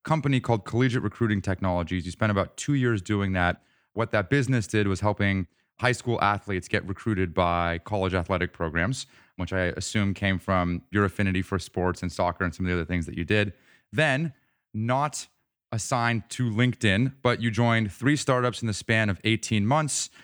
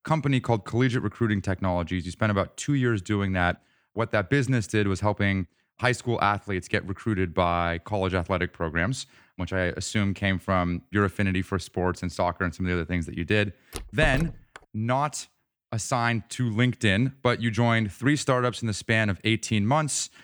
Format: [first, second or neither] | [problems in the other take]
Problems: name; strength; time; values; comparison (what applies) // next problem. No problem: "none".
first | door banging; noticeable; at 14 s; peak 5 dB below the speech